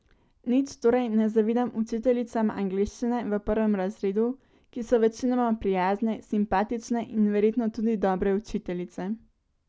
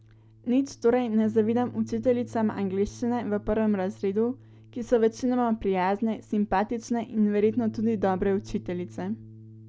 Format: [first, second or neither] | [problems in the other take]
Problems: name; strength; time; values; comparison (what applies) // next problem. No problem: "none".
first | background sound (Bass guitar); 19 dB below the speech